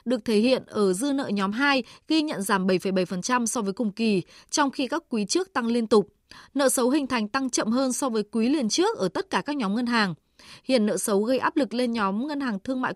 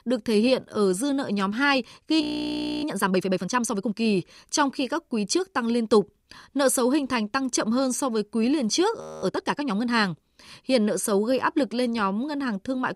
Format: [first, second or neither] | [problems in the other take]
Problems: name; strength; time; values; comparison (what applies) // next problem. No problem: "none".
first | audio freezing; at 2 s for 0.5 s and at 9 s